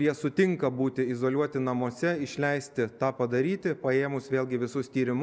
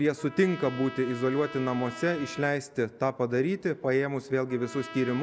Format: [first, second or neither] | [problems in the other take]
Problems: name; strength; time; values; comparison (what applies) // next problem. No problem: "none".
first | background sound (Trumpet); 16 dB below the speech